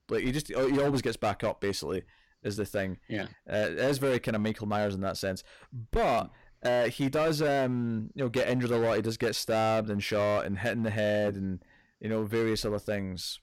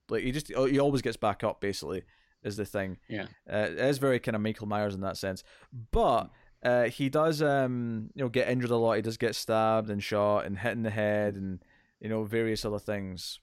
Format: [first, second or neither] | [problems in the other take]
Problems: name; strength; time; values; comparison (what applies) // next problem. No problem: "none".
second | distortion; slight; 11% of the sound clipped